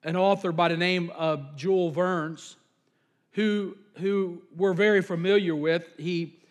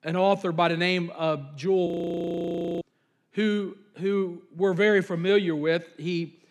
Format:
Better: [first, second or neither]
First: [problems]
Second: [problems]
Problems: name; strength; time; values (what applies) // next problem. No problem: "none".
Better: first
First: none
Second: audio freezing; at 2 s for 1 s